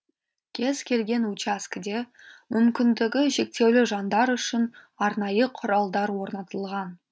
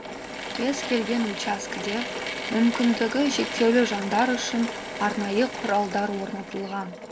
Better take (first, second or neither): first